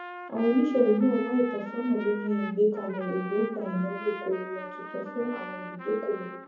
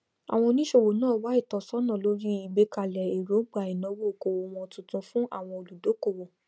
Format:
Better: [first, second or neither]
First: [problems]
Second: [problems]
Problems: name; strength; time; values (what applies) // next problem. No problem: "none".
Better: second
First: background sound (Trumpet); 12 dB below the speech // room echo; dies away in 0.7 s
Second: none